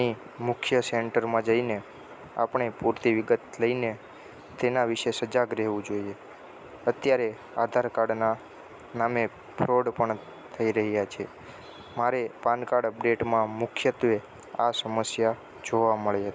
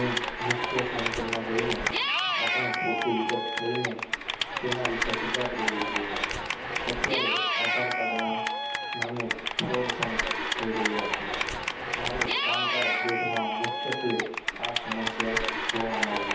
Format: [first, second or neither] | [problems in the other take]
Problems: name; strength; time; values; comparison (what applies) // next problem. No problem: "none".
first | background sound (Cheering / Clapping); 4 dB above the speech // room echo; dies away in 1 s